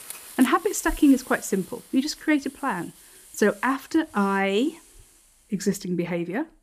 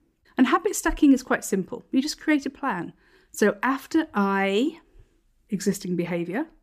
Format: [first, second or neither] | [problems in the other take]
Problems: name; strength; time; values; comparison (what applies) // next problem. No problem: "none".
second | hiss; noticeable; throughout; 20 dB below the speech